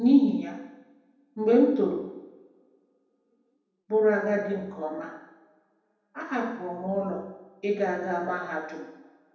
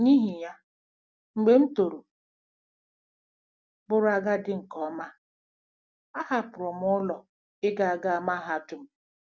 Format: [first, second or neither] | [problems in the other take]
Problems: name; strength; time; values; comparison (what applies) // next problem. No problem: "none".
second | room echo; dies away in 0.9 s